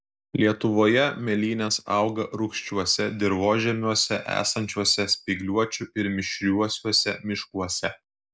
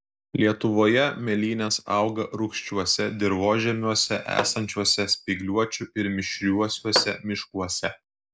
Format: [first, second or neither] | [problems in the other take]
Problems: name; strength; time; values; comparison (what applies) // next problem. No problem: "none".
first | background sound (Tap / Hammer); 8 dB below the speech